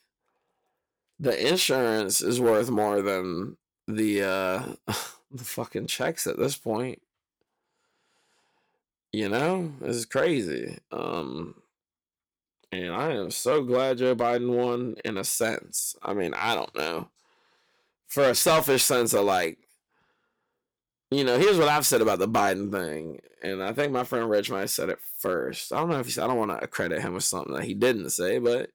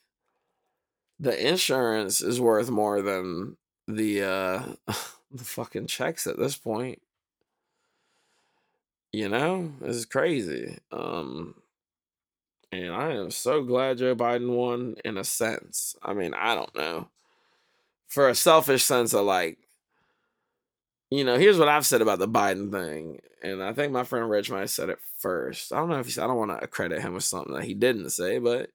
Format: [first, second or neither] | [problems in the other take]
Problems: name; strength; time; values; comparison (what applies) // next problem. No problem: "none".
second | distortion; slight; 2% of the sound clipped